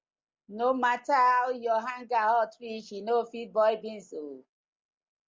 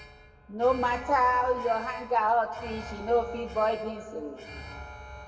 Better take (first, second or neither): first